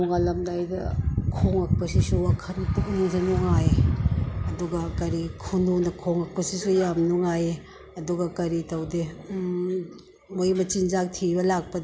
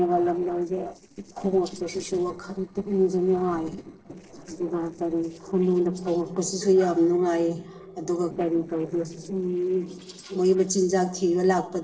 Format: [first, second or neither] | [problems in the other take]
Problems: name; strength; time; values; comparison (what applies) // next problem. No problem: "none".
first | noise reduction (neural separator model SepFormer DNS4)